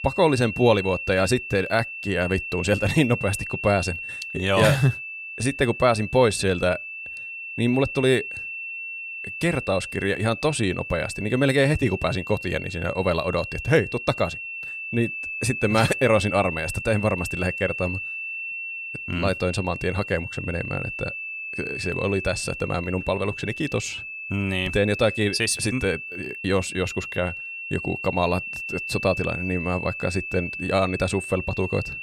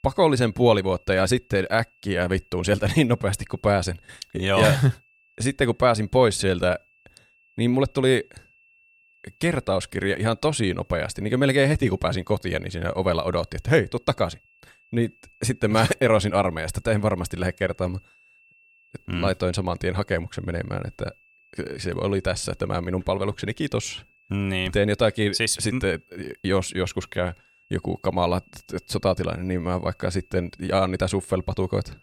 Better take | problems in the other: second | high-pitched whine; loud; throughout; 2.5 kHz, 7 dB below the speech; faint in the second

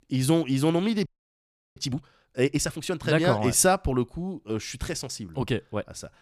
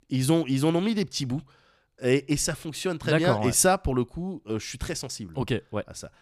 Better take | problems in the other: second | audio freezing; at 1 s for 0.5 s

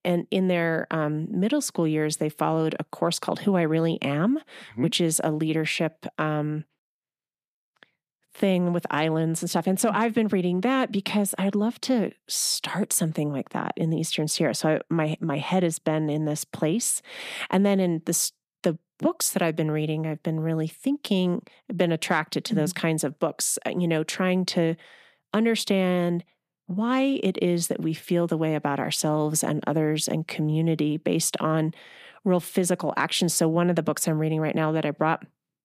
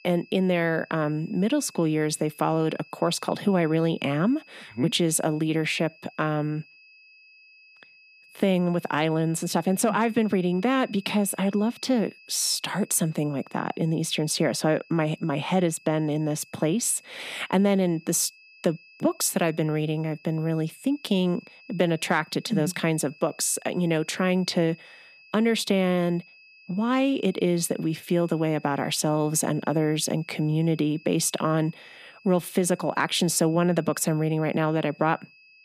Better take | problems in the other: first | high-pitched whine; faint; throughout; 2.5 kHz, 25 dB below the speech

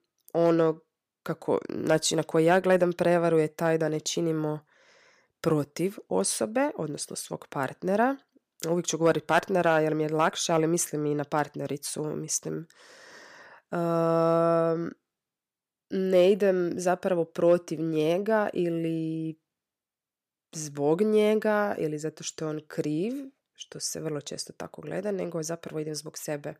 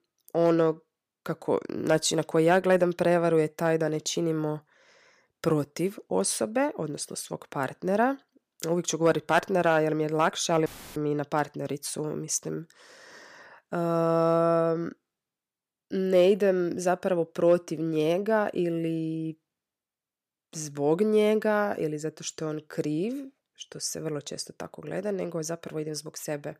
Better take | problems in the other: first | audio cutting out; filled with static; at 11 s

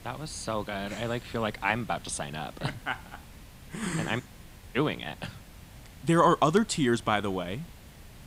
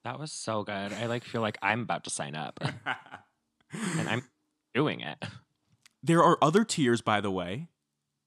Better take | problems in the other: second | hiss; noticeable; throughout; 20 dB below the speech

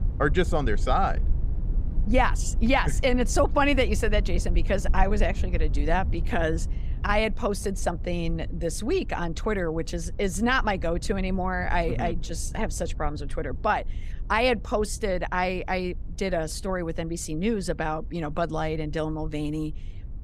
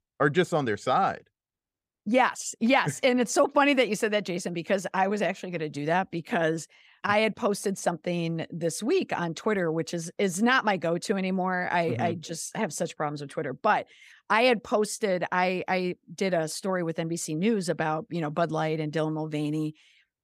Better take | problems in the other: second | low rumble; faint; throughout; 20 dB below the speech

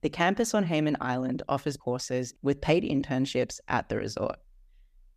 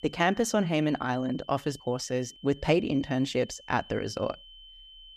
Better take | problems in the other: first | high-pitched whine; faint; throughout; 3 kHz, 20 dB below the speech

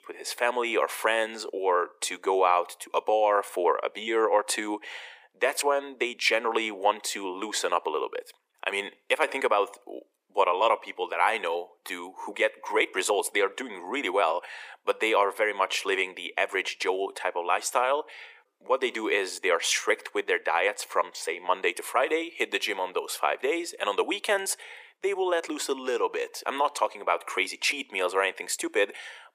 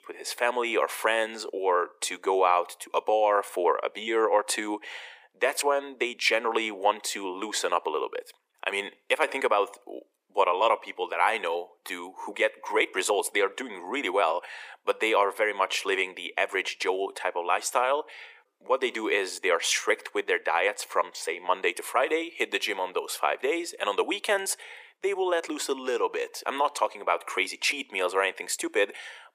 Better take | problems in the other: neither | thin; very; fading below 350 Hz; the same in both

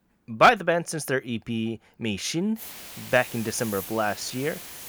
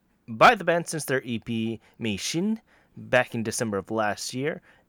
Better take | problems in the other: second | hiss; noticeable; from 2.5 s on; 10 dB below the speech

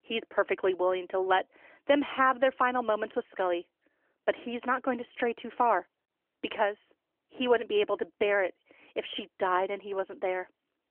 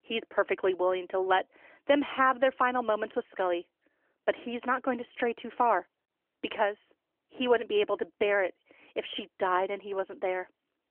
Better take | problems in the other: neither | phone-call audio; nothing above 3.5 kHz; the same in both

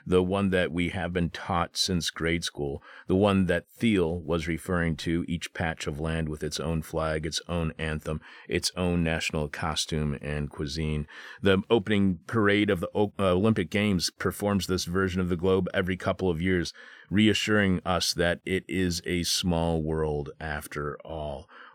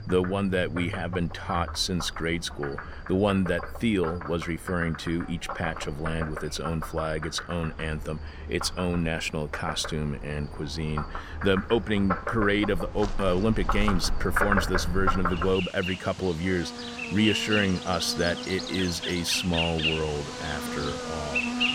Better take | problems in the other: first | animal sounds; loud; throughout; 5 dB below the speech

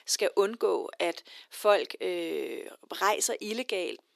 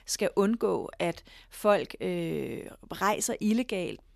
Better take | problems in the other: second | thin; somewhat; fading below 350 Hz

